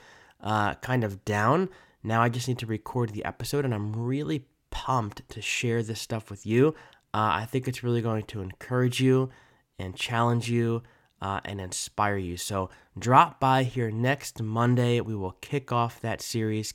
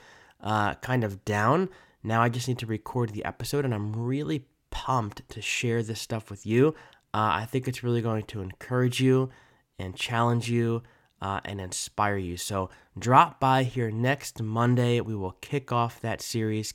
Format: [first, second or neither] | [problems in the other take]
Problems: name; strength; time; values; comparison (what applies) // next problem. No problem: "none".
neither | none